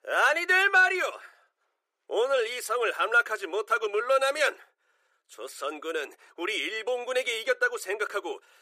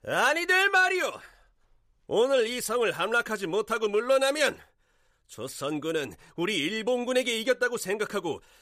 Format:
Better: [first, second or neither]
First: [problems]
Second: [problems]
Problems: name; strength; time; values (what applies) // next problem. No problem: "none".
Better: second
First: thin; very; fading below 350 Hz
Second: none